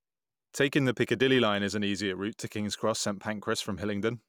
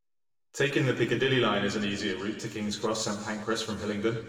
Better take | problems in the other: first | room echo; dies away in 2.2 s

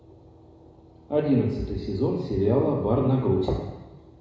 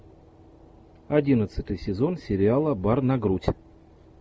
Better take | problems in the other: second | room echo; dies away in 1 s

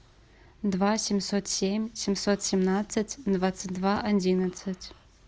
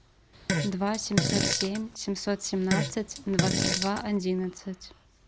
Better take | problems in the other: first | background sound (Fart); 1 dB above the speech

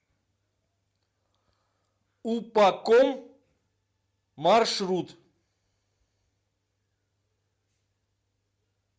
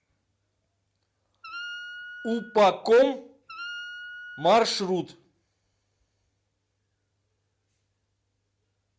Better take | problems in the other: first | background sound (Wind instrument, woodwind instrument); 13 dB below the speech

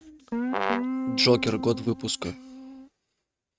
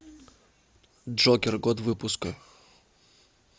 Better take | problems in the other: second | noise reduction (neural mask model RNNoise)

